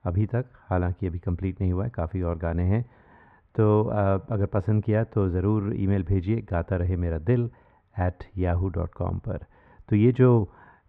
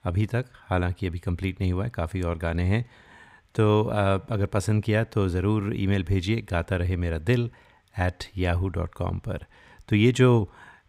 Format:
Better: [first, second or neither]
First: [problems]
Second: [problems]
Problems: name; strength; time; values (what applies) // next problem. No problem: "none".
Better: second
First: muffled; very; fading above 3.5 kHz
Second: none